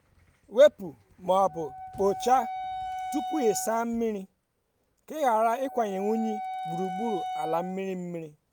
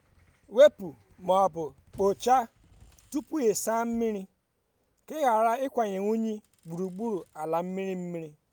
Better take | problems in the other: second | background sound (Wind instrument, woodwind instrument); 10 dB below the speech

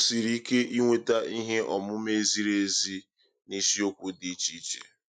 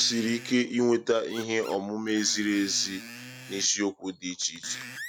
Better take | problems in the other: first | background sound (Screech); 17 dB below the speech

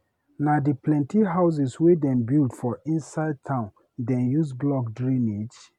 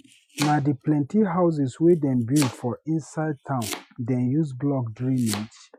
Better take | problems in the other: first | noise reduction (classical method Wiener filter)

